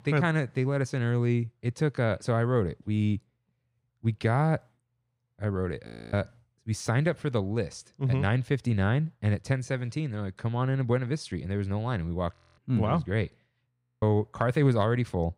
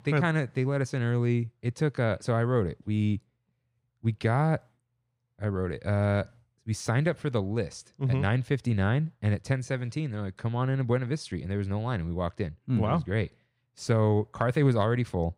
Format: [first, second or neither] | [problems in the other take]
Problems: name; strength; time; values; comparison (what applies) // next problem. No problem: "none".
second | audio freezing; at 6 s, at 12 s and at 14 s